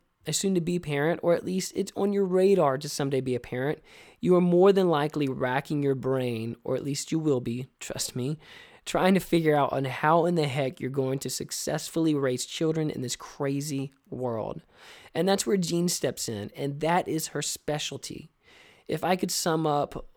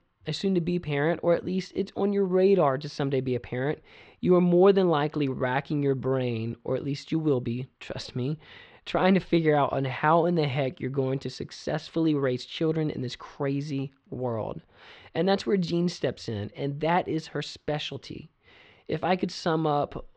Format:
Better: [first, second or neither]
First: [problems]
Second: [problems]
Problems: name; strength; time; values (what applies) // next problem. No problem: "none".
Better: first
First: none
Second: muffled; slightly; fading above 4.5 kHz